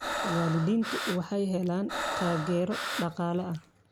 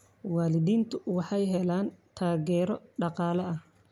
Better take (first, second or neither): second